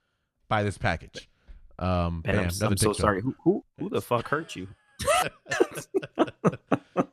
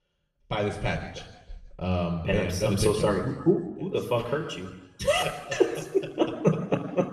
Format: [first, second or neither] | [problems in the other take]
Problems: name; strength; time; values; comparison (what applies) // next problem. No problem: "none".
first | room echo; slight; dies away in 1 s // off-mic speech; somewhat distant